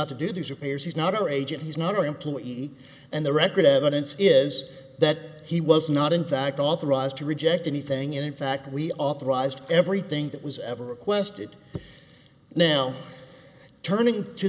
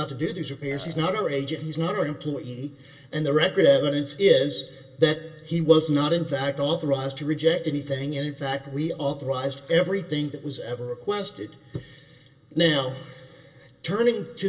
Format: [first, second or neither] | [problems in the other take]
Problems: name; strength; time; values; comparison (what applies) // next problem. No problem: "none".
first | background sound (Burping, eructation); 18 dB below the speech // room echo; dies away in 0.1 s